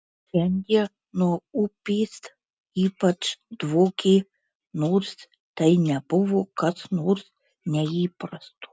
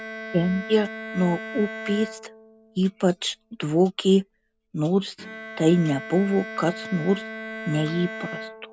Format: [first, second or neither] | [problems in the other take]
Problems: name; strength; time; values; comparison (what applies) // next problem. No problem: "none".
first | background sound (Bowed string instrument); 12 dB below the speech